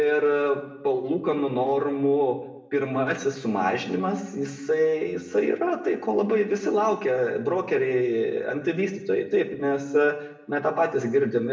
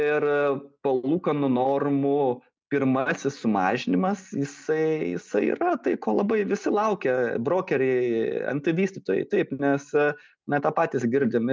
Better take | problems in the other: second | room echo; dies away in 0.7 s

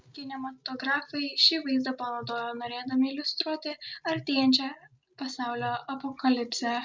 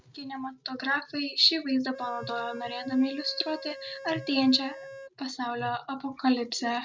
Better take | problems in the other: first | background sound (Organ); 13 dB below the speech

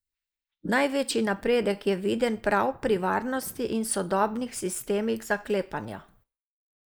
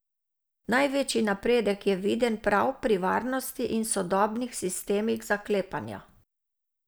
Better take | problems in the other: second | noise reduction (neural mask model Resemble Enhance denoiser)

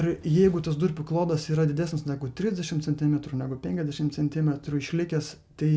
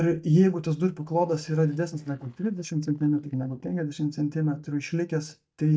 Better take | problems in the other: first | noise reduction (neural mask model DeepFilterNet 3)

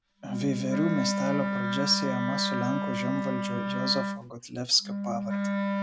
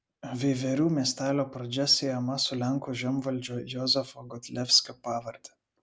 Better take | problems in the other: second | background sound (Wind instrument, woodwind instrument); as loud as the speech

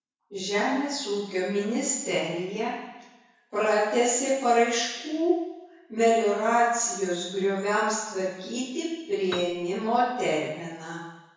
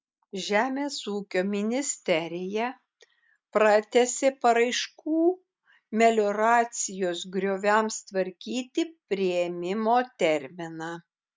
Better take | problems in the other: second | background sound (Piano); 14 dB below the speech // room echo; dies away in 1 s

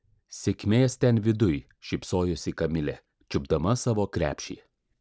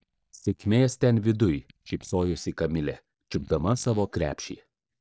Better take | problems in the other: first | noise reduction (neural mask model DeepFilterNet 3)

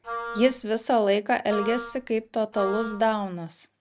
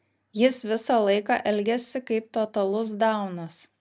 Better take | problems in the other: second | background sound (Wind instrument, woodwind instrument); 11 dB below the speech

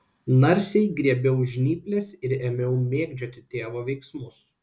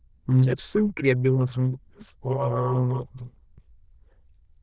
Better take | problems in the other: first | noise reduction (neural diffusion model UNIVERSE++)

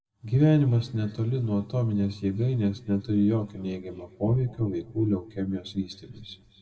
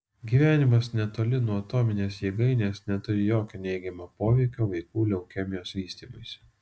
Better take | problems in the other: second | room echo; dies away in 1.8 s

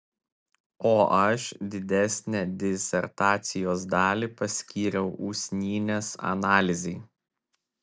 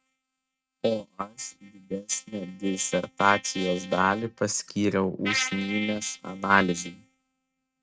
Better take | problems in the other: first | noise reduction (neural mask model RNNoise)

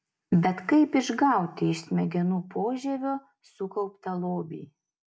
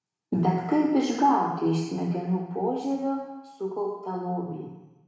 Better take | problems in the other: first | room echo; dies away in 1 s

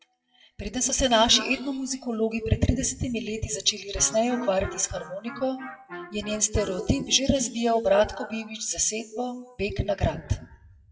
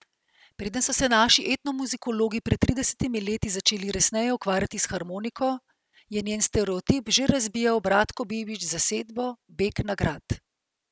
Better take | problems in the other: second | noise reduction (classical method WPE with log-MMSE)

